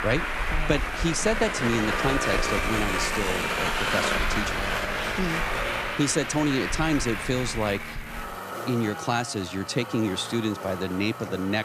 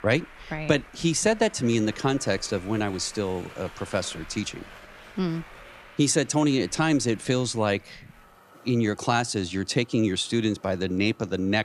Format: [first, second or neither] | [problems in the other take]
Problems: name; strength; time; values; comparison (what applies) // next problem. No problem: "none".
second | traffic noise; loud; throughout; 1 dB below the speech; faint in the second